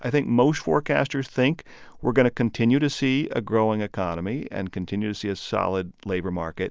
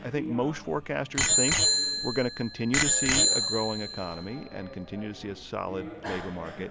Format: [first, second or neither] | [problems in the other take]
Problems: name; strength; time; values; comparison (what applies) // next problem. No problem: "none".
first | background sound (Bicycle bell); 3 dB above the speech